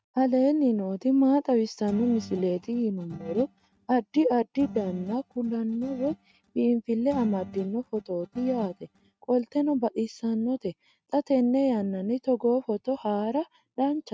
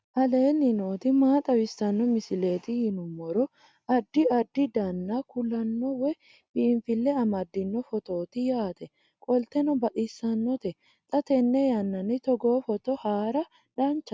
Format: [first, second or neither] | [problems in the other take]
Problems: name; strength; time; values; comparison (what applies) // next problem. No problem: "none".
second | noise reduction (neural mask model RNNoise)